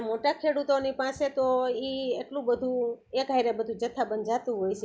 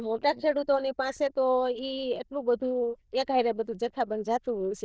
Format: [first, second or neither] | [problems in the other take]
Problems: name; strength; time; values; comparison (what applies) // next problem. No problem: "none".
first | noise reduction (neural diffusion model UNIVERSE++)